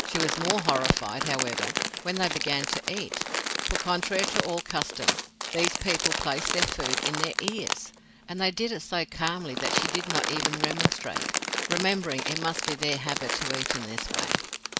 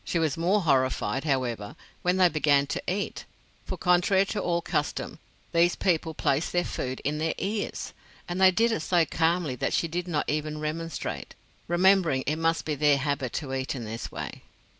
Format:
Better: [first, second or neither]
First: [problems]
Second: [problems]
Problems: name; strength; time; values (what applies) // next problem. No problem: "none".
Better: second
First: background sound (Crumpling, crinkling); 1 dB above the speech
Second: none